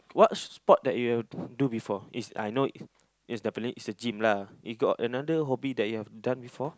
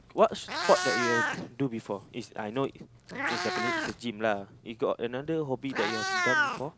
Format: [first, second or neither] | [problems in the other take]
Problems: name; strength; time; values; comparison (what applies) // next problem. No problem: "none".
first | background sound (Meow); 2 dB below the speech